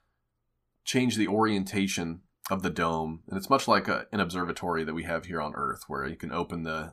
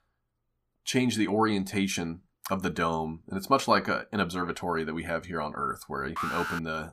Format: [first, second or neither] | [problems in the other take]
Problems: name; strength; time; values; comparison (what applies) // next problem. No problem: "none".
first | alarm; noticeable; at 6 s; peak 3 dB below the speech